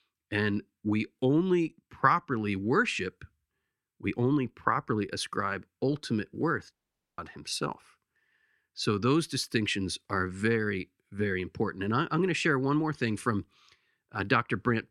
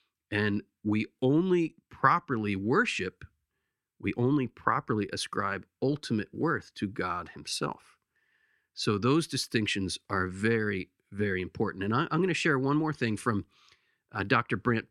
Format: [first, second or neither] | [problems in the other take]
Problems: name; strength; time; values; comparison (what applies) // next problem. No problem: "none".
second | audio cutting out; at 6.5 s